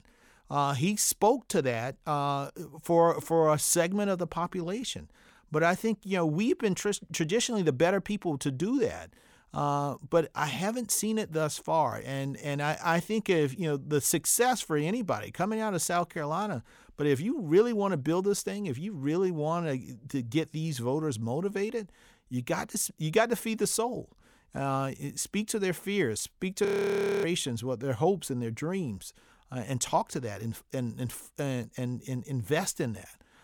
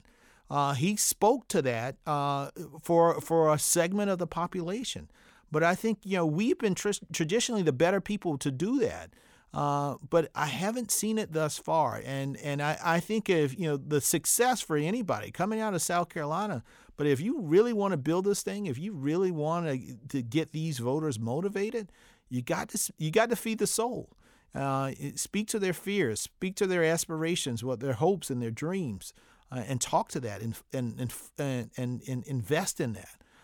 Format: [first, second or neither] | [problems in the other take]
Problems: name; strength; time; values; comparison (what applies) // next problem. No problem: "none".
second | audio freezing; at 27 s for 0.5 s